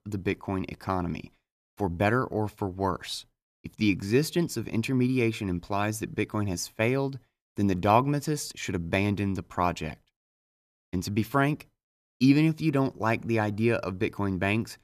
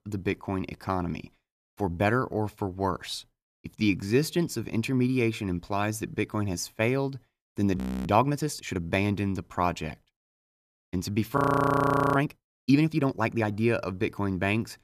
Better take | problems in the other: first | audio freezing; at 8 s and at 11 s for 1 s

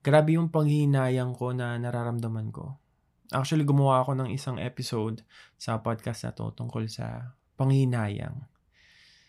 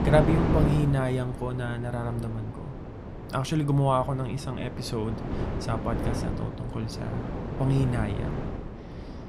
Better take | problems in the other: first | wind noise on the microphone; heavy; 6 dB below the speech

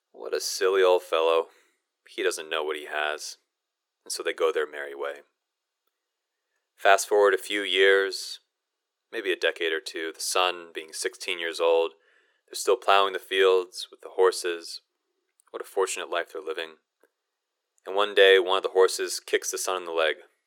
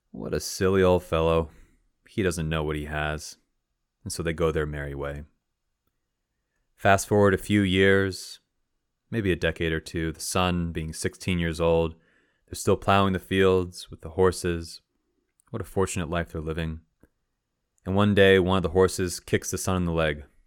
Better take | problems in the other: second | thin; very; fading below 400 Hz

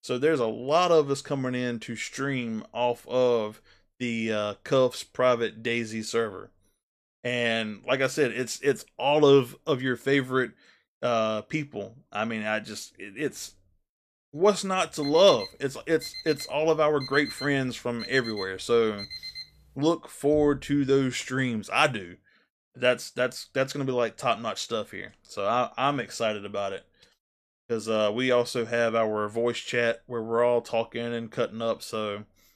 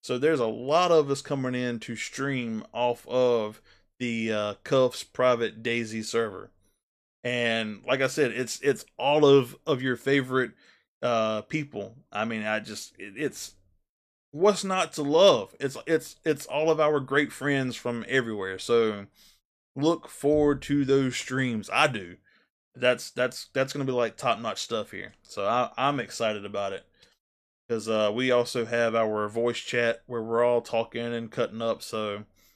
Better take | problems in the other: second | alarm; noticeable; from 15 to 19 s; peak 9 dB below the speech

